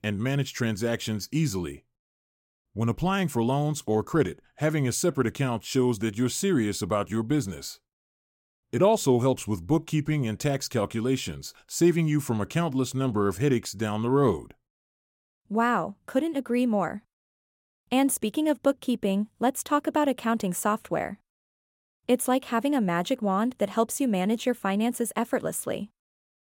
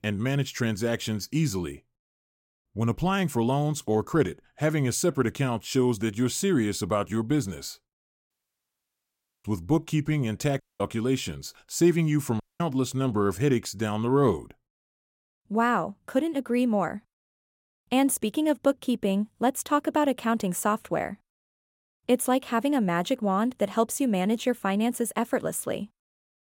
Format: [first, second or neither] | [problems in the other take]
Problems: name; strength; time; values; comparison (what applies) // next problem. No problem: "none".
first | audio cutting out; at 8.5 s for 1 s, at 11 s and at 12 s